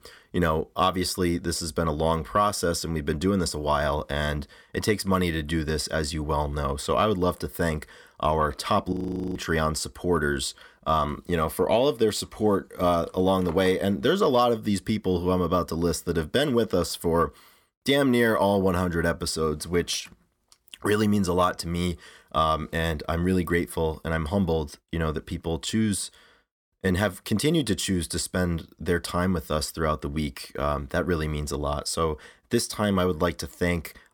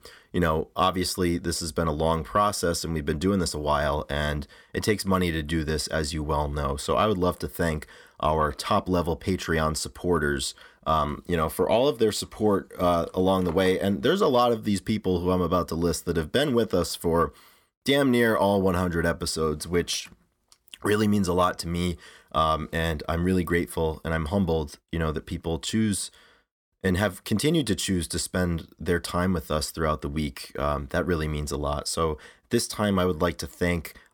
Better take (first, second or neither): second